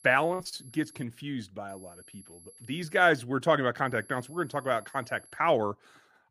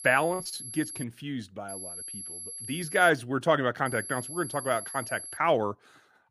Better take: first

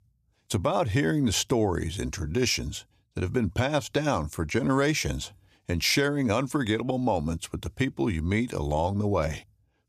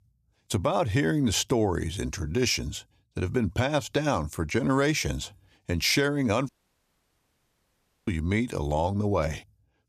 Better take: first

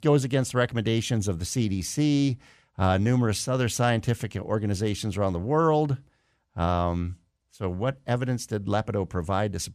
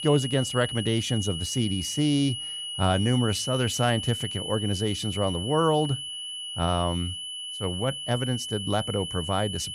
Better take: first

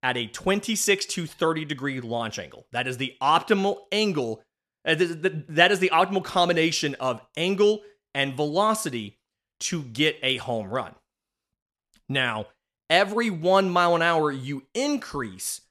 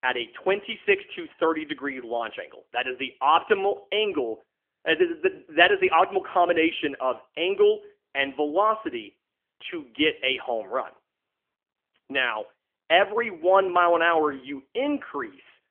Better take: first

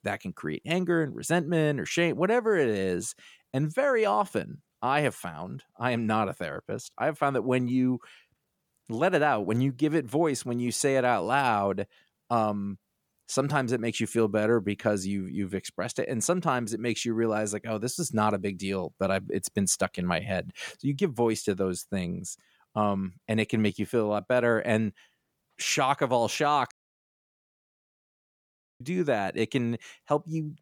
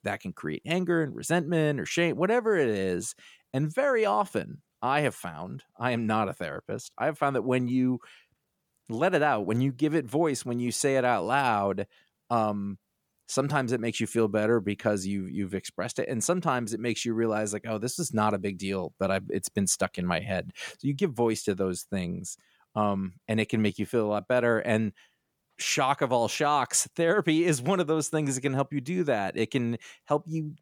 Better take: second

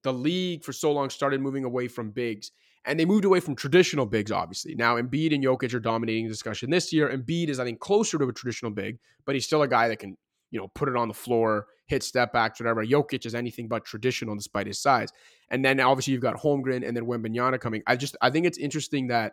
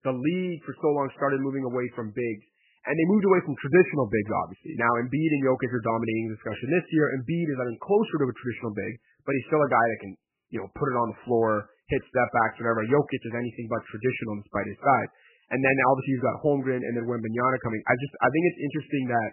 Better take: first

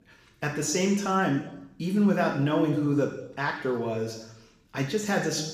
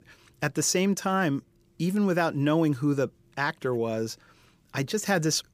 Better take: second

